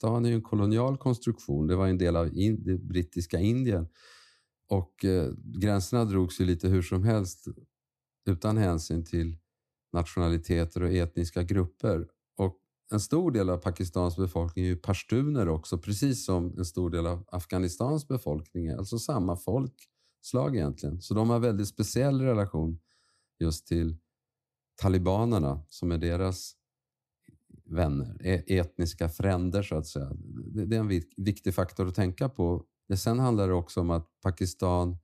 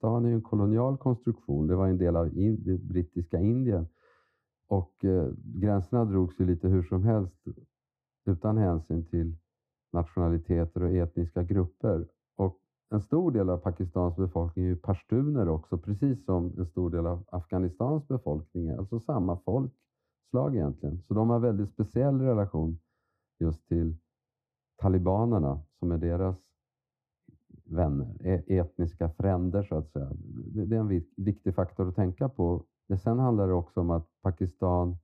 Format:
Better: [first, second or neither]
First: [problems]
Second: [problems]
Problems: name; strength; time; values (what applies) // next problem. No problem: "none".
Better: first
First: none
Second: muffled; very; fading above 2.5 kHz